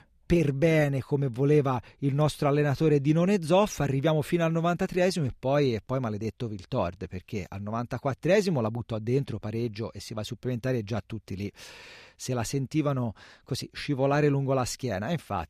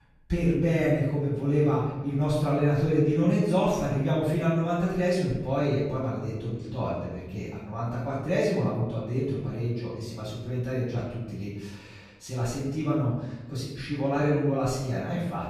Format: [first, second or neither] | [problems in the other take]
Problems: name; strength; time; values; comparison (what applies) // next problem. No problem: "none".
first | off-mic speech; far // room echo; noticeable; dies away in 0.9 s